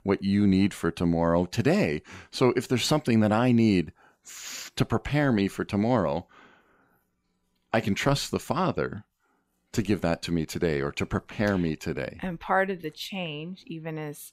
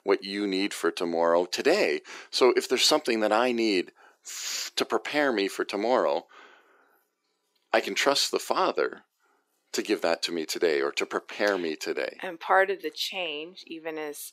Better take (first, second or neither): first